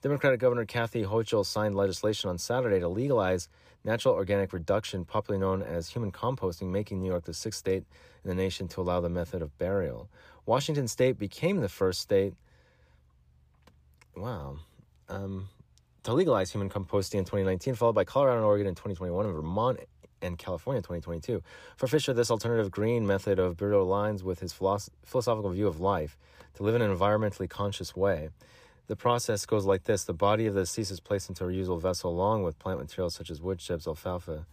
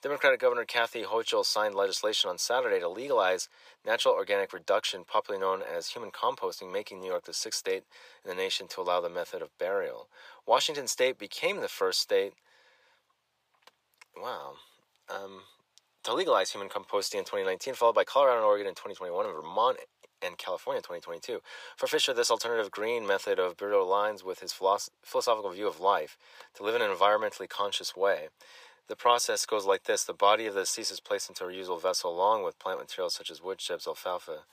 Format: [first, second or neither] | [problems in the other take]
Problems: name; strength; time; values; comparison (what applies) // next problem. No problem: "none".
first | thin; very; fading below 700 Hz